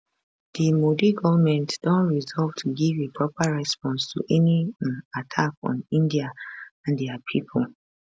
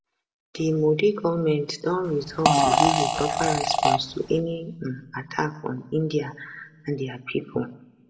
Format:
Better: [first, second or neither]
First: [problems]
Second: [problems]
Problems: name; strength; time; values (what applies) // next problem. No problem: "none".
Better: first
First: none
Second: background sound (Fart); 4 dB above the speech // room echo; dies away in 0.8 s